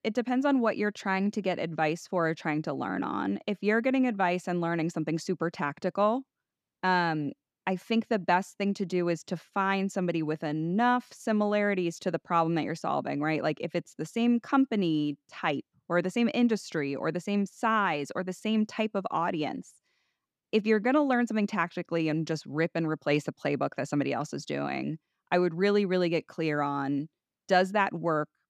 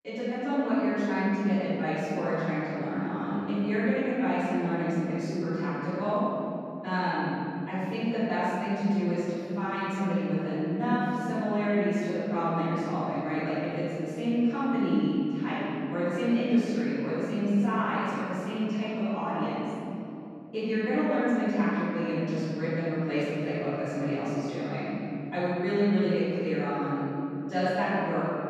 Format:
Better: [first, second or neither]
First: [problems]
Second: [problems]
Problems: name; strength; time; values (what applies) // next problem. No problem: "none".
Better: first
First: none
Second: room echo; strong; dies away in 3 s // off-mic speech; far